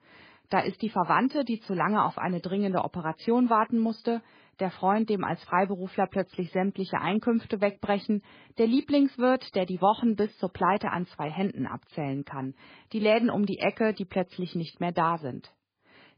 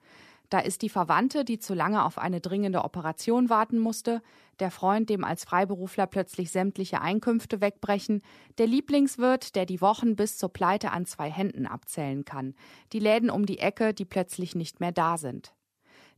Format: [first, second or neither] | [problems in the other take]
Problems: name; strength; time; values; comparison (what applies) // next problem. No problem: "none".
second | garbled, watery; badly; nothing above 5 kHz